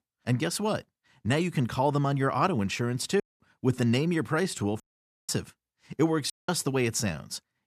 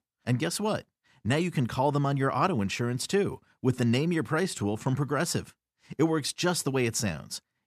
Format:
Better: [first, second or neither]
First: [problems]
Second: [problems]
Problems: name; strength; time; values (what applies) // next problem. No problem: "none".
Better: second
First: audio cutting out; at 3 s, at 5 s and at 6.5 s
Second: none